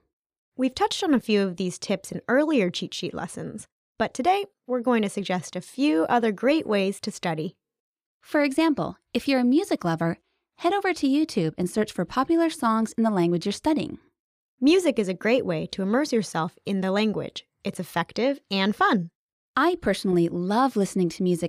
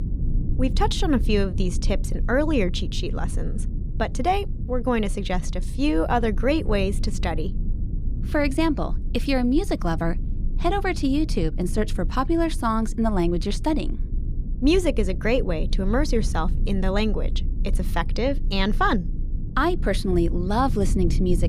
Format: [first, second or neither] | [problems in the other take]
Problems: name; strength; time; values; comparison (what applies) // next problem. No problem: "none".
first | low rumble; noticeable; throughout; 20 dB below the speech